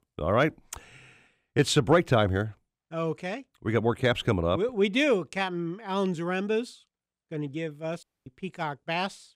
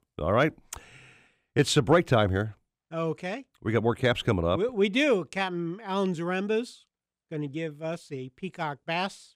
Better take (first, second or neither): second